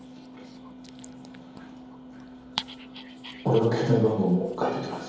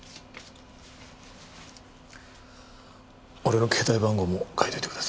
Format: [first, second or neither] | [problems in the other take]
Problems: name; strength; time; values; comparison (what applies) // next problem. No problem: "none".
second | background sound (Dog); 16 dB below the speech // room echo; dies away in 2.2 s